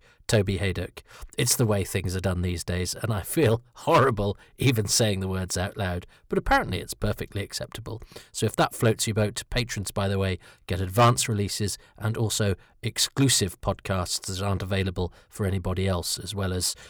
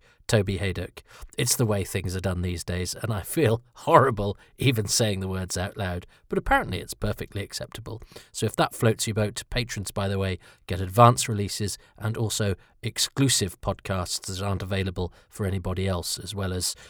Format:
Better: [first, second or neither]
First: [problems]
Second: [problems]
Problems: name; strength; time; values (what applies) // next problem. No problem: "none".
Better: second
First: distortion; slight; 1% of the sound clipped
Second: none